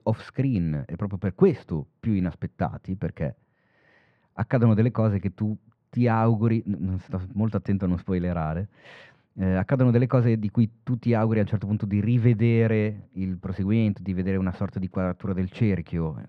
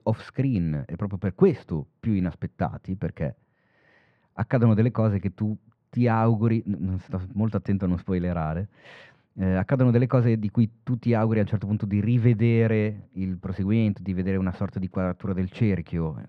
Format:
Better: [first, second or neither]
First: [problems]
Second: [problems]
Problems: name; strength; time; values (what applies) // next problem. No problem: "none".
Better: neither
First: muffled; very; fading above 1.5 kHz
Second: muffled; very; fading above 1.5 kHz